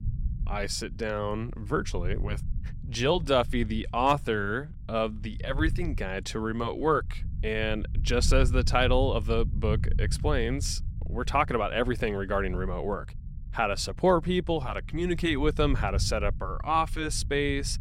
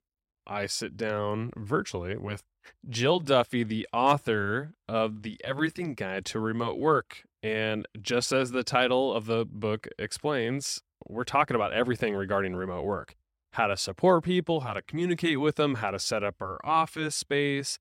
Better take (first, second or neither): second